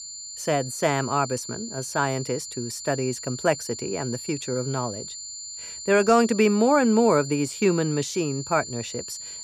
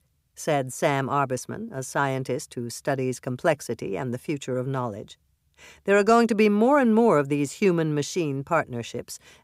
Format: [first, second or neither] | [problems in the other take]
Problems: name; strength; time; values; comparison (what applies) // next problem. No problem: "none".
second | high-pitched whine; loud; throughout; 7 kHz, 10 dB below the speech